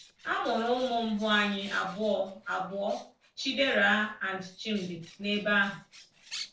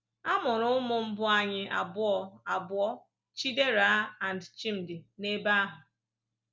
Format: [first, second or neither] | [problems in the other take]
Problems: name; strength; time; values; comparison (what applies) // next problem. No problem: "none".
second | noise reduction (neural separator model SepFormer DNS4)